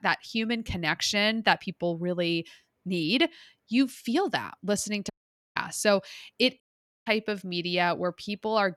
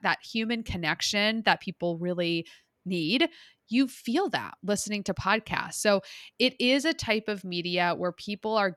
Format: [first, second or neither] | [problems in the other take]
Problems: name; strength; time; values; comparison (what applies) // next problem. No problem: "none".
second | audio cutting out; at 5 s and at 6.5 s